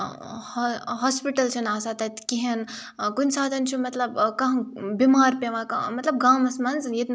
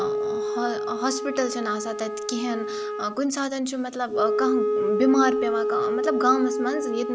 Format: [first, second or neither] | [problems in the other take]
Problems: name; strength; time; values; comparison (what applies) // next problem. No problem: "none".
first | background sound (Wind instrument, woodwind instrument); 1 dB below the speech